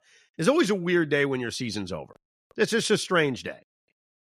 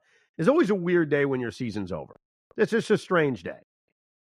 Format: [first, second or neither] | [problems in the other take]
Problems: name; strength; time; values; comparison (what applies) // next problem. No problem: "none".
first | muffled; slightly; fading above 2.5 kHz